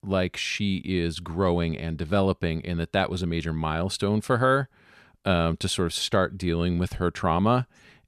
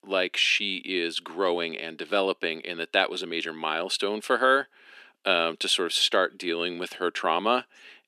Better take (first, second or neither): first